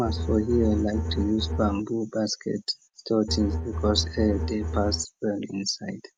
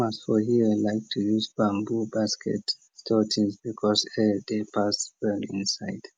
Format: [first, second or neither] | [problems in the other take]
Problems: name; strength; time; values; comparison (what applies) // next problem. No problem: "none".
second | background sound (Bowed string instrument); 2 dB below the speech